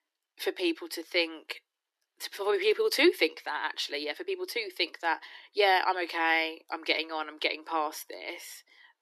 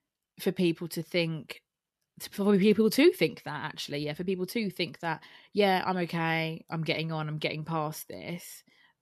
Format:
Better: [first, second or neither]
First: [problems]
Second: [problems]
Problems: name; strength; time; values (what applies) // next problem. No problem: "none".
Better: second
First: thin; very; fading below 300 Hz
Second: none